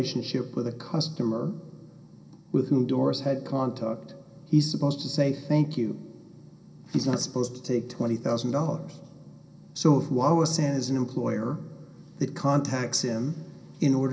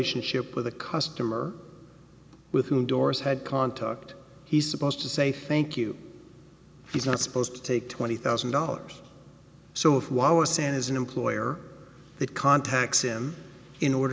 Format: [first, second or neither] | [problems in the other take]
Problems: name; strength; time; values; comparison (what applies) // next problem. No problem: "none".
second | room echo; dies away in 0.3 s